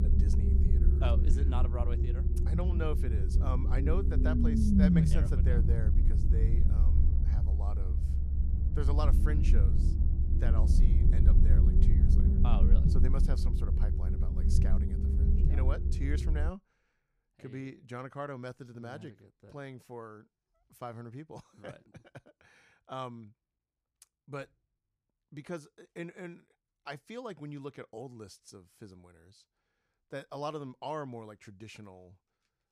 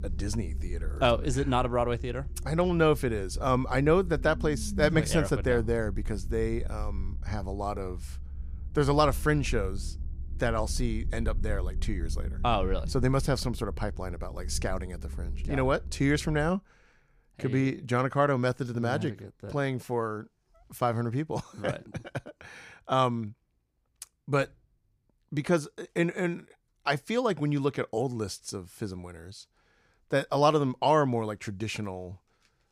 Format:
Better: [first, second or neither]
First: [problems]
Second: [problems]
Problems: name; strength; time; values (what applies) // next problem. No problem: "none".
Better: second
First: low rumble; loud; until 17 s; as loud as the speech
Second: low rumble; faint; until 17 s; 25 dB below the speech